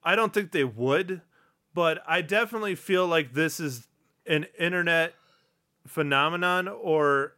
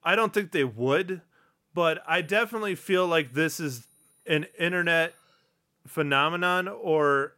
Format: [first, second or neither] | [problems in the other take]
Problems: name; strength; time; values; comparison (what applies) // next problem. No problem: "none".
first | high-pitched whine; faint; from 2 to 5 s; 9.5 kHz, 35 dB below the speech